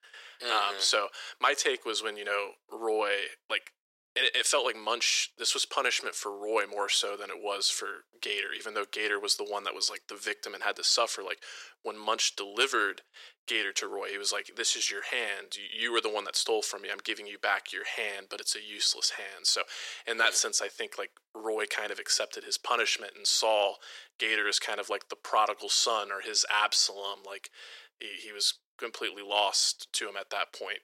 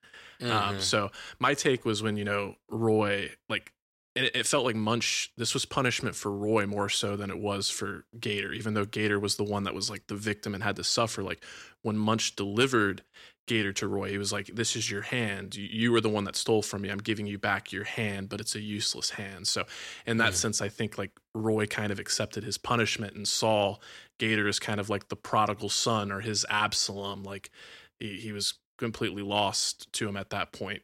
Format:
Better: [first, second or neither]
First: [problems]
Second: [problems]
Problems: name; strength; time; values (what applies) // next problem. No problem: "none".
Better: second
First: thin; very; fading below 450 Hz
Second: none